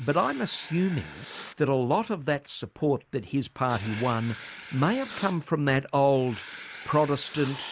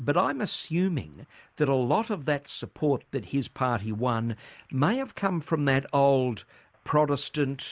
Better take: second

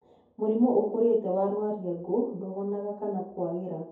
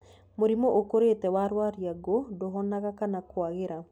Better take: second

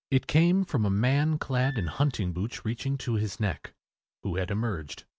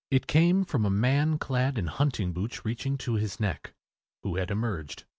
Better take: second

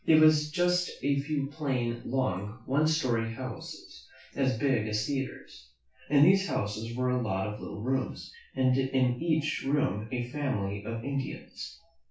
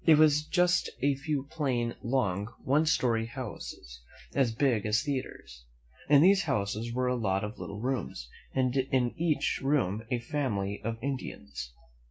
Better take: second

